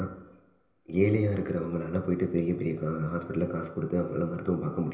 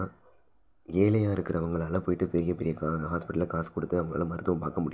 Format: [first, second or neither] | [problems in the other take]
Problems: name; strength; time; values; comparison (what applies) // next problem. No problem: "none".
second | room echo; dies away in 1.4 s